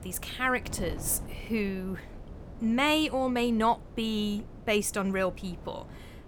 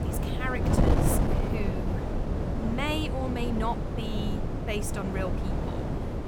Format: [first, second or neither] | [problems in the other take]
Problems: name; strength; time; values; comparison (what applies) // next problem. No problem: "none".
first | wind noise on the microphone; heavy; as loud as the speech; occasional gusts in the first